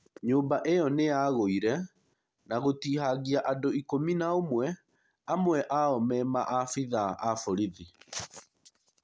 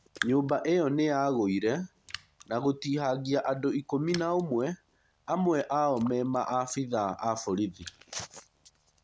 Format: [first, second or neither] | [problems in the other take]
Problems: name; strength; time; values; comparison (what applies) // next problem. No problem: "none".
first | background sound (Raindrop); 18 dB below the speech